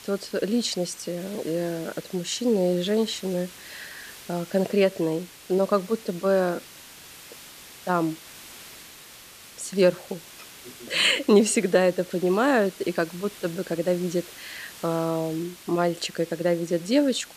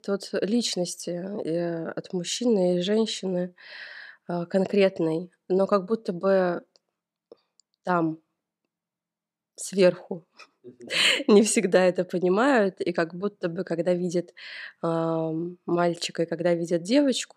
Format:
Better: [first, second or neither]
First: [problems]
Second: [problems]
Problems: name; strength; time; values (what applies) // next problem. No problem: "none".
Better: second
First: hiss; noticeable; throughout; 20 dB below the speech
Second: none